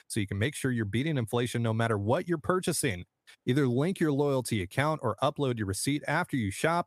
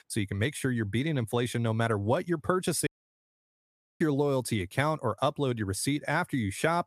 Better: first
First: none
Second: audio cutting out; at 3 s for 1 s

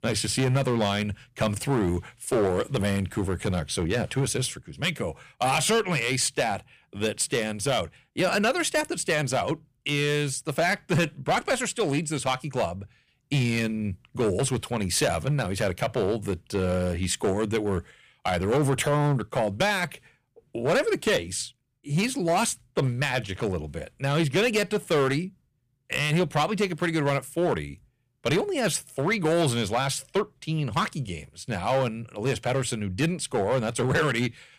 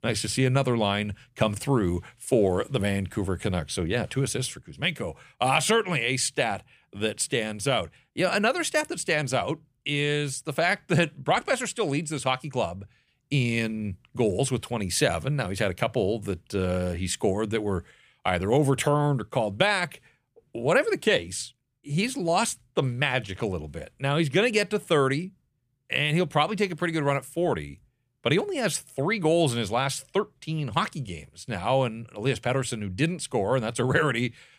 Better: second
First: distortion; slight; 7% of the sound clipped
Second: none

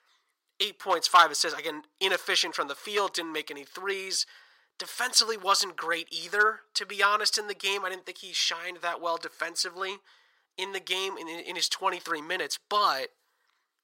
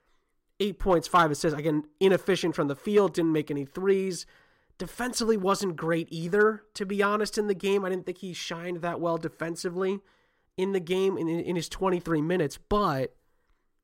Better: second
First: thin; very; fading below 900 Hz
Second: none

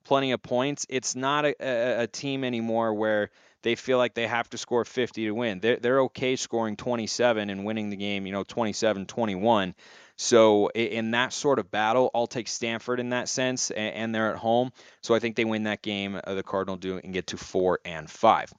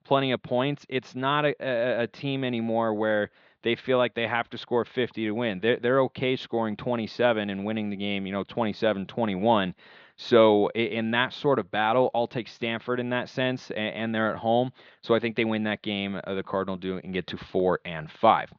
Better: first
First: none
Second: muffled; very slightly; fading above 4 kHz

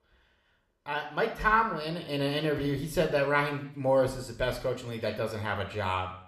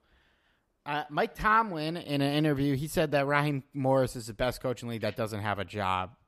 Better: second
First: room echo; slight; dies away in 0.6 s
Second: none

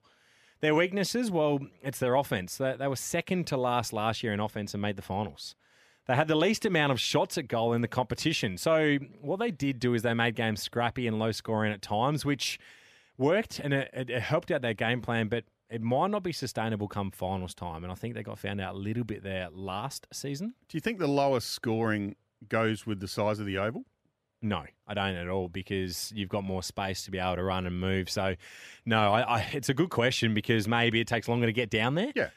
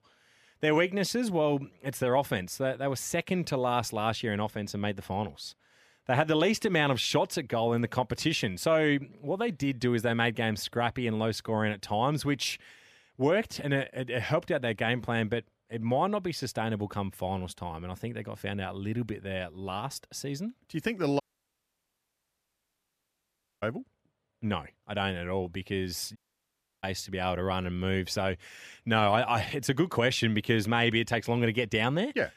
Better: first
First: none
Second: audio cutting out; at 21 s for 2.5 s and at 26 s for 0.5 s

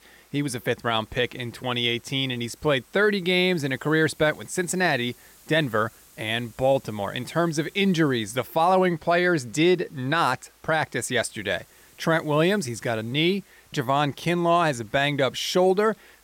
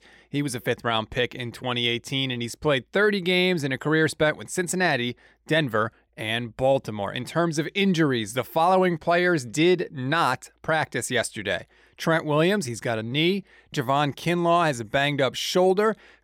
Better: second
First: hiss; faint; throughout; 30 dB below the speech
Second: none

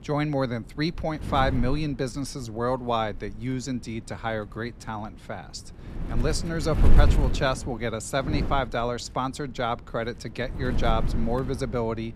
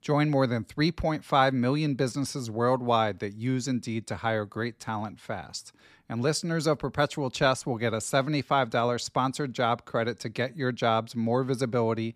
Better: second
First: wind noise on the microphone; occasional gusts; 10 dB below the speech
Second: none

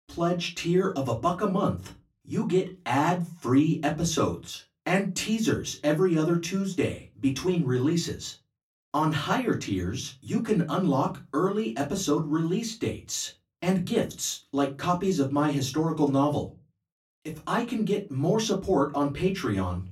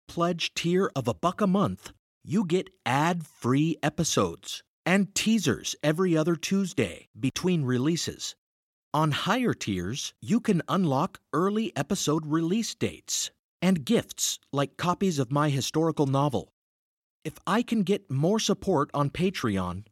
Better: second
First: off-mic speech; far // room echo; very slight; dies away in 0.2 s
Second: none

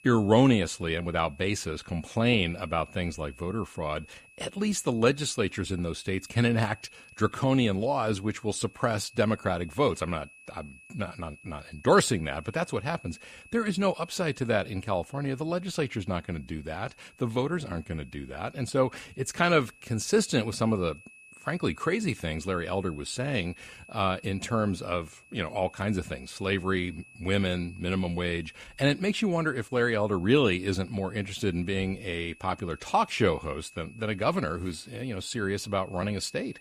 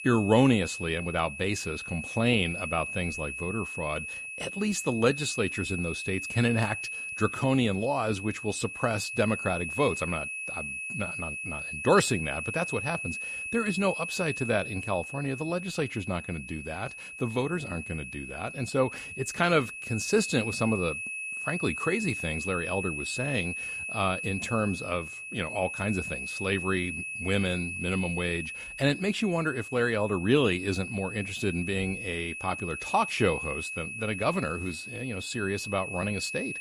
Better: first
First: high-pitched whine; faint; throughout; 2.5 kHz, 25 dB below the speech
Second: high-pitched whine; loud; throughout; 2.5 kHz, 5 dB below the speech

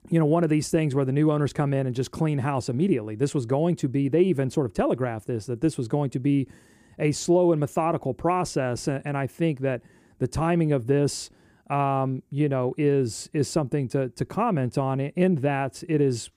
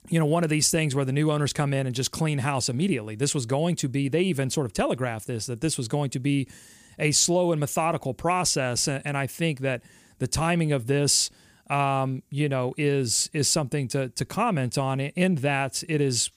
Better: second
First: muffled; slightly; fading above 2 kHz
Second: none

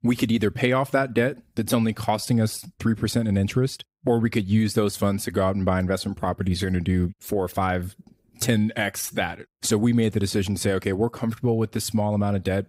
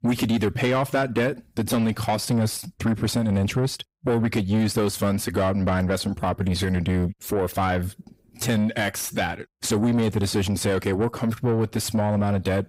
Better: first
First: none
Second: distortion; slight; 10 dB below the speech

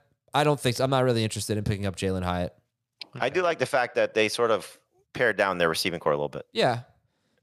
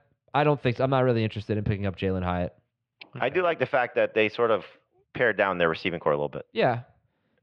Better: first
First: none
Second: muffled; very; fading above 3 kHz

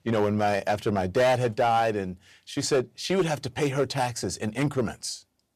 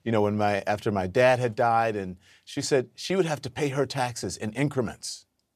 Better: second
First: distortion; slight; 5% of the sound clipped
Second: none

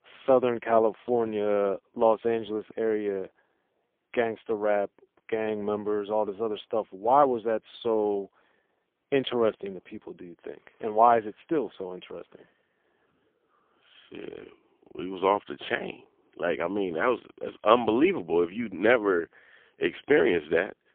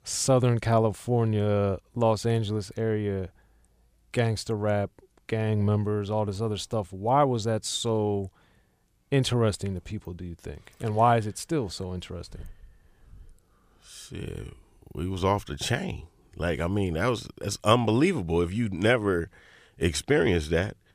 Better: second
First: phone-call audio; poor line; nothing above 3.5 kHz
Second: none

